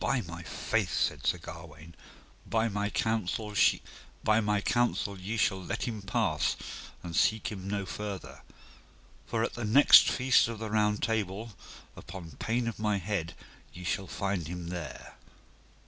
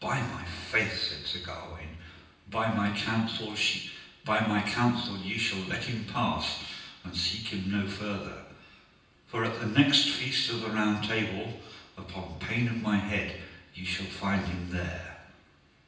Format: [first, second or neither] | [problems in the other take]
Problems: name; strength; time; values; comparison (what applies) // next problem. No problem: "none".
first | room echo; dies away in 0.9 s